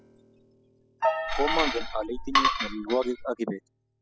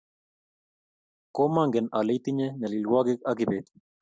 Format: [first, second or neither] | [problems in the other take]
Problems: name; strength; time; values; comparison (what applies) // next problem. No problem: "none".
second | noise reduction (classical method spectral subtraction)